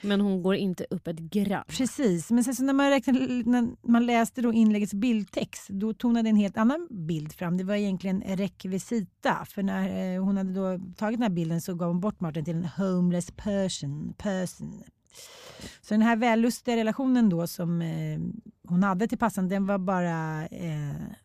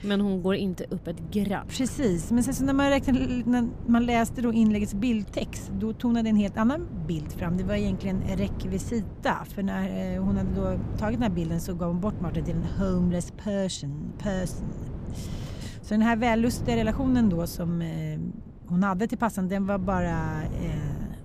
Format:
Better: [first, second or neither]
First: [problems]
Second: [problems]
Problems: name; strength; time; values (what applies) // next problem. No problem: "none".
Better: first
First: none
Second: wind noise on the microphone; occasional gusts; 15 dB below the speech